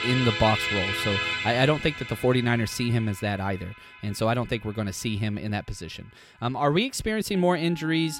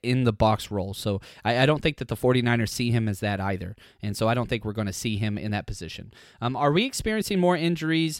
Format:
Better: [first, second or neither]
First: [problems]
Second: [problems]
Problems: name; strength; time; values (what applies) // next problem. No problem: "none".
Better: second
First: background music; loud; throughout; 3 dB below the speech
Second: none